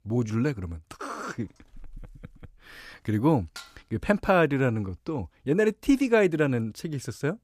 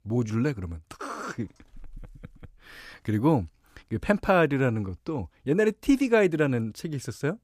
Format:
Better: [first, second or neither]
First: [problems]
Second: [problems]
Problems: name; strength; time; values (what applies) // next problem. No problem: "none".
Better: second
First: clattering dishes; faint; at 3.5 s; peak 20 dB below the speech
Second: none